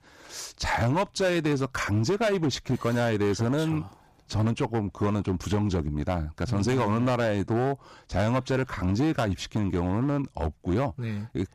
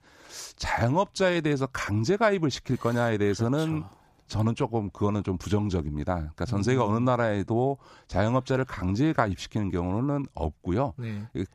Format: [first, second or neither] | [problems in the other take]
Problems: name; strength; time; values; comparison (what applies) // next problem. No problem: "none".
second | distortion; slight; 12% of the sound clipped